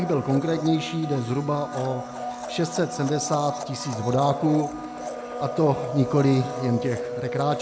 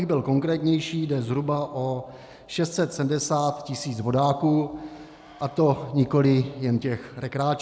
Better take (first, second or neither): second